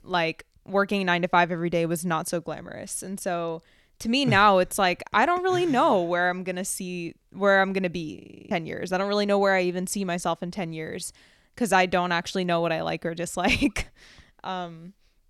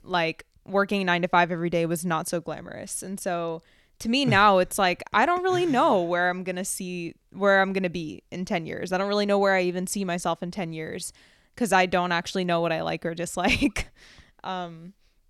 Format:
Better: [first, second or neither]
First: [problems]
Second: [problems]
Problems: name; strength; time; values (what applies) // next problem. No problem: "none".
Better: second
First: audio freezing; at 8 s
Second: none